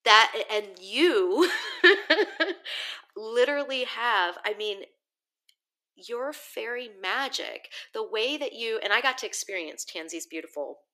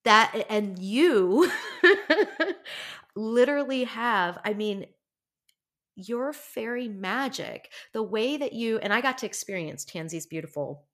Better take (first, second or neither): second